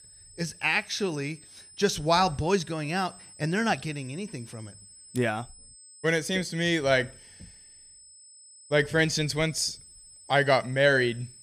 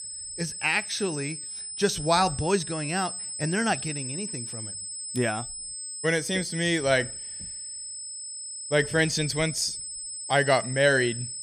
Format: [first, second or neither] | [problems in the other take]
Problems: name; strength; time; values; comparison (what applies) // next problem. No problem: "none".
first | high-pitched whine; loud; throughout; 8 kHz, 7 dB below the speech; faint in the first